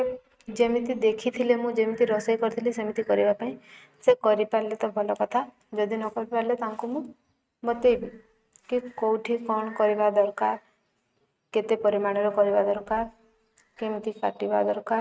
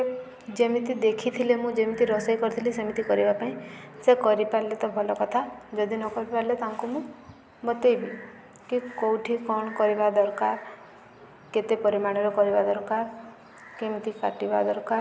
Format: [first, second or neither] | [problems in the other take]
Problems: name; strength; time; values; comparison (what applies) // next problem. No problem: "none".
second | noise reduction (neural mask model RNNoise)